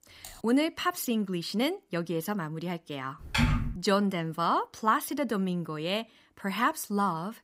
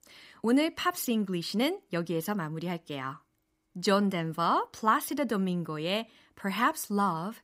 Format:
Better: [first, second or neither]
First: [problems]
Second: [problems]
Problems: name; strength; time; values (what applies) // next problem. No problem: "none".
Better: second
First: keyboard typing; faint; at the start; peak 20 dB below the speech // keyboard typing; loud; at 3.5 s; peak 3 dB above the speech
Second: none